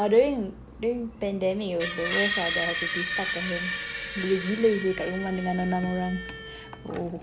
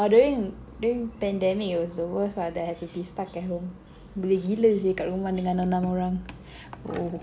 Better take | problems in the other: second | background sound (Screech); 6 dB below the speech

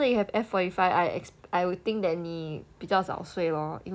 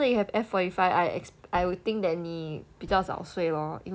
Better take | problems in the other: first | background sound (Bass drum); 19 dB below the speech

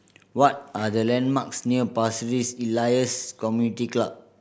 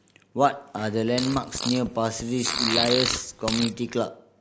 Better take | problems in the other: first | background sound (Fart); 4 dB below the speech

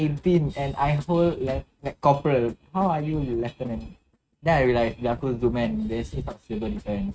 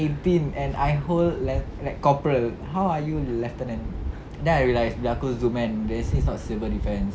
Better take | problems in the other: second | noise reduction (neural mask model RNNoise)

